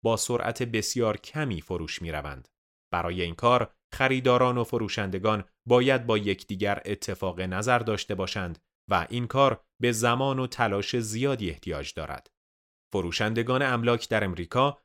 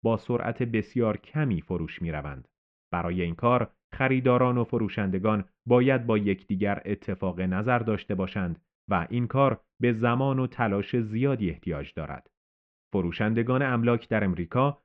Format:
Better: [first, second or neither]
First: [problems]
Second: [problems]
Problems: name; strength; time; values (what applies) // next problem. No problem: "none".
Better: first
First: none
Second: muffled; very; fading above 2.5 kHz